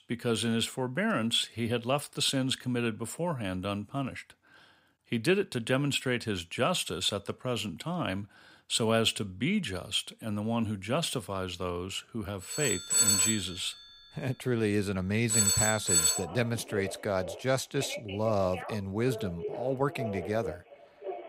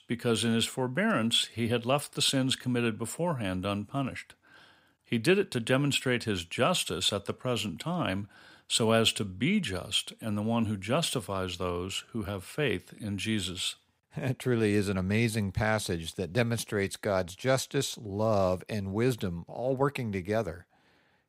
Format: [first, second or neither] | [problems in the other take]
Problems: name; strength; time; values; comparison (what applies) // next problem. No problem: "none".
second | alarms or sirens; very loud; from 13 s on; 3 dB above the speech